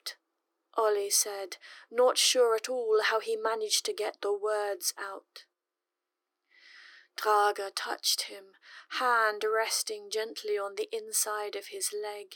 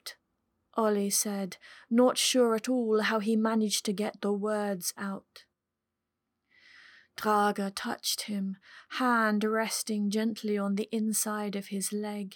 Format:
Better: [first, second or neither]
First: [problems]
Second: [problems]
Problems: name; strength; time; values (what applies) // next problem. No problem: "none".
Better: second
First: thin; very; fading below 300 Hz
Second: none